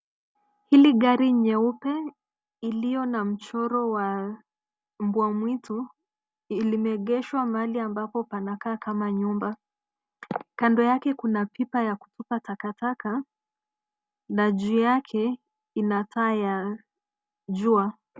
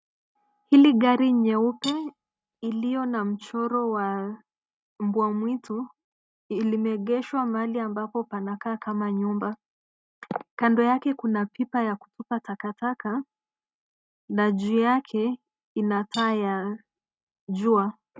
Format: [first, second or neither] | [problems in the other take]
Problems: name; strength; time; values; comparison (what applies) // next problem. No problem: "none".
first | noise reduction (neural mask model RNNoise)